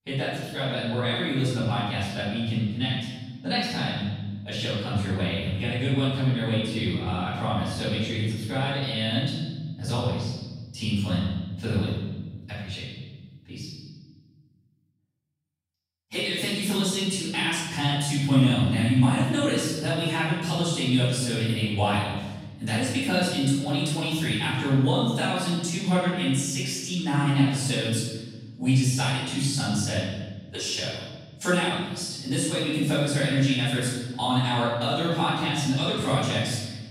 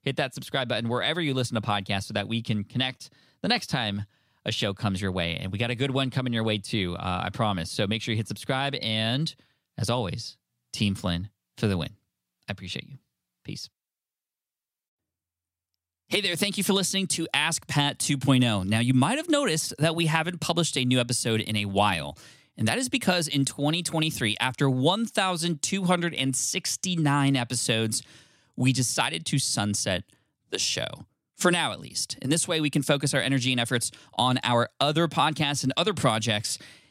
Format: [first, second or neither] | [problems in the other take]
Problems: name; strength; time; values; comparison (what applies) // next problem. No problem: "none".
second | room echo; strong; dies away in 1.3 s // off-mic speech; far